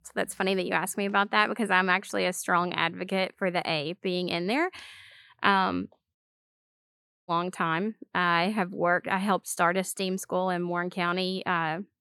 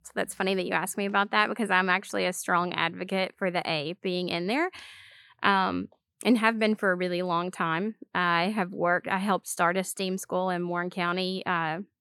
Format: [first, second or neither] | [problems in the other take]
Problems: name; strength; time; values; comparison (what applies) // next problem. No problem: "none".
second | audio cutting out; at 6 s for 1 s